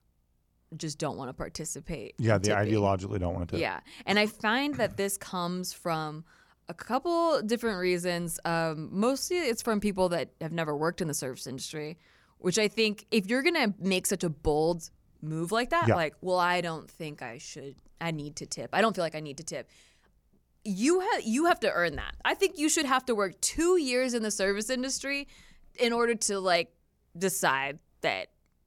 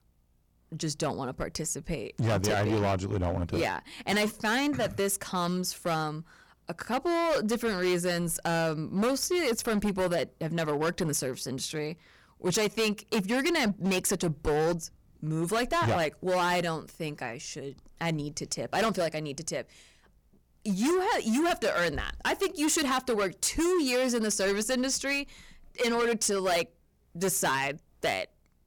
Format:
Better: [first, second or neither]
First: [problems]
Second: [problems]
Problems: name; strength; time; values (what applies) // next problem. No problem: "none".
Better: first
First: none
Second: distortion; heavy; 13% of the sound clipped